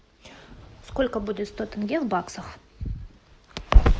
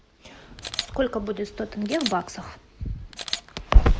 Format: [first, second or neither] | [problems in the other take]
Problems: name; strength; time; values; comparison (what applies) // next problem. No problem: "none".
first | background sound (Camera); 13 dB below the speech